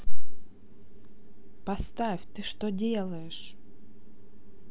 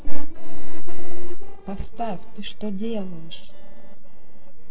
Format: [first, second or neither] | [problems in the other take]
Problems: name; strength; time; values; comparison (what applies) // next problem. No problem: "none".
first | noise reduction (neural separator model SepFormer DNS4)